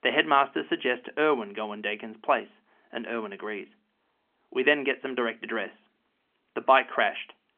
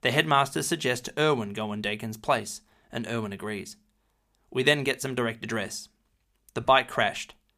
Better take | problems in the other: second | phone-call audio; nothing above 3 kHz

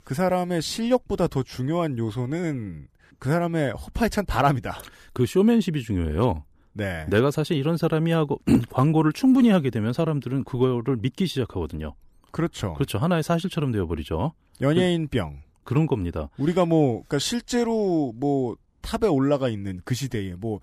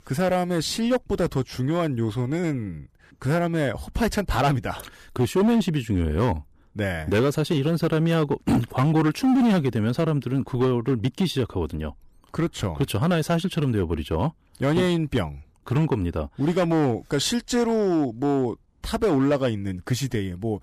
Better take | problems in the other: first | distortion; slight; 8% of the sound clipped

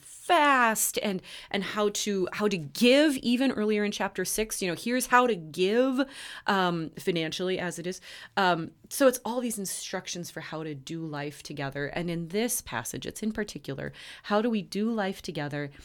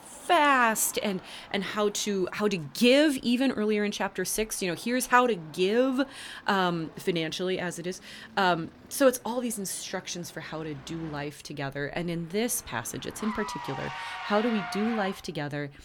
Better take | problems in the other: first | traffic noise; noticeable; throughout; 15 dB below the speech

